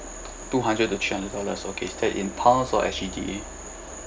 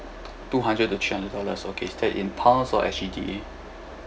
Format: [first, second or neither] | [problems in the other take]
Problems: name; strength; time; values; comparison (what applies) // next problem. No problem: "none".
second | background sound (Frog); 17 dB below the speech